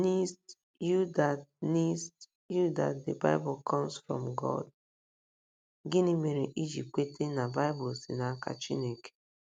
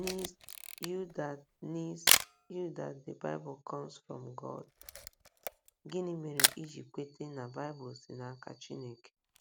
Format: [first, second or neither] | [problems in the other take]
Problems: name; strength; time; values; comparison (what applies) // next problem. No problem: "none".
first | background sound (Camera); 5 dB above the speech